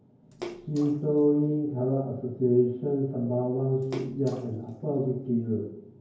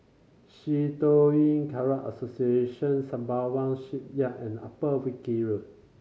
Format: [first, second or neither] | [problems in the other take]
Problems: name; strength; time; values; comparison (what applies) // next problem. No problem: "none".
second | background sound (Splash, splatter); 18 dB below the speech // room echo; dies away in 0.9 s